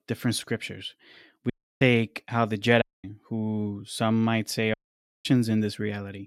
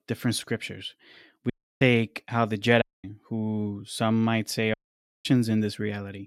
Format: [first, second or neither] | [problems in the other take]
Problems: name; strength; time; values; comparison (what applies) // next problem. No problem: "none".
neither | audio cutting out; at 1.5 s, at 3 s and at 4.5 s for 0.5 s; the same in both